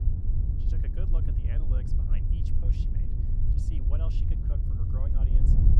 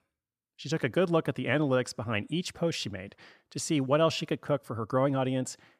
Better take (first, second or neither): second